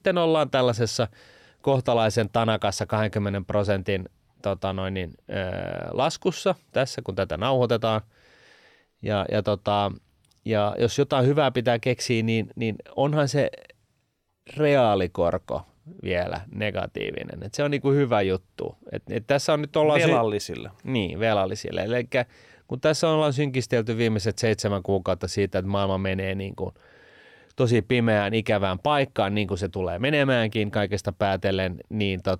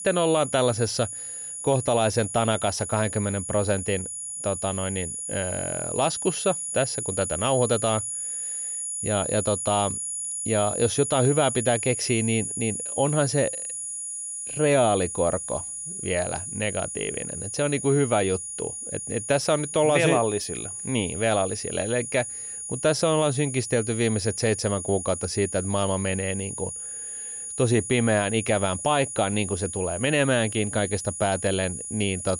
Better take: first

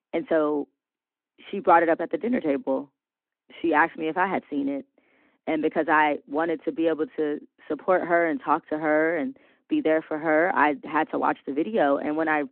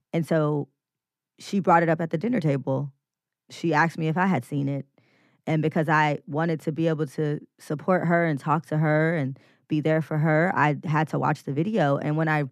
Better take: second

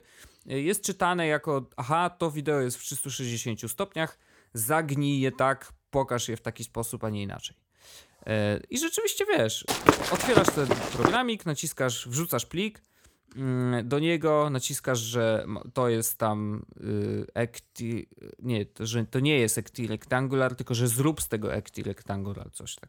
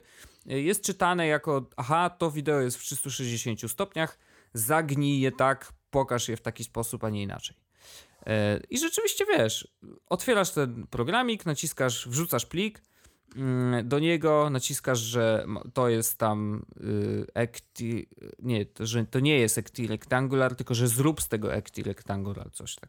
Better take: second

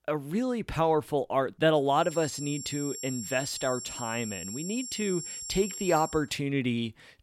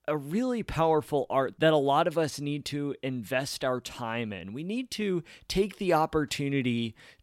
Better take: second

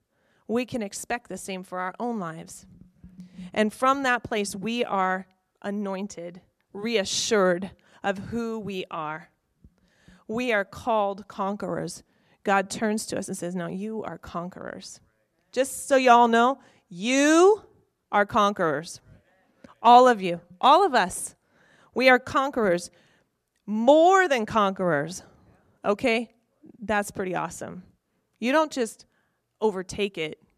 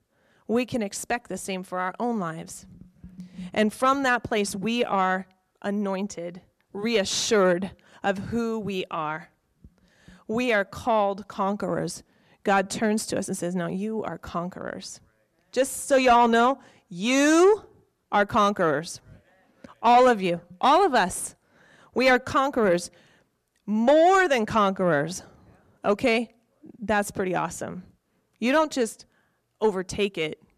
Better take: first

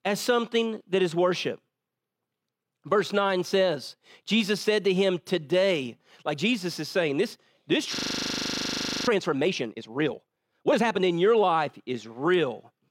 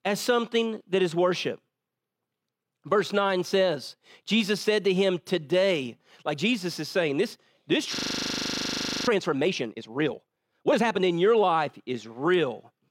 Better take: neither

